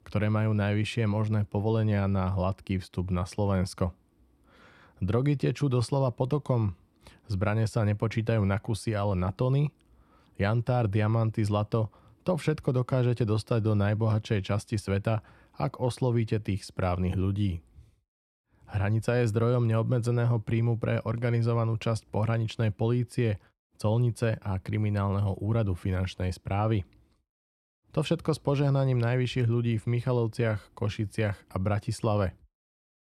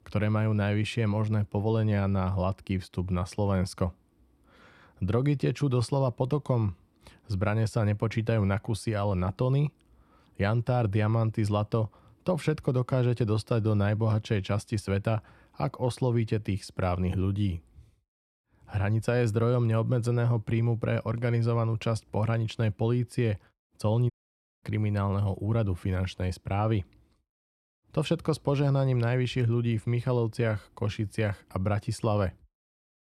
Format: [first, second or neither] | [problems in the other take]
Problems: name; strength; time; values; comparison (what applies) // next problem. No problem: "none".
first | audio cutting out; at 24 s for 0.5 s